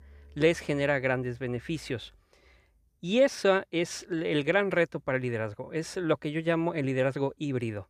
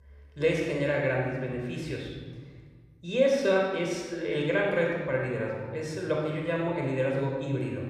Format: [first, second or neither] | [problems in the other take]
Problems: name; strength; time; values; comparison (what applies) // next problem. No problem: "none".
first | off-mic speech; somewhat distant // room echo; noticeable; dies away in 1.6 s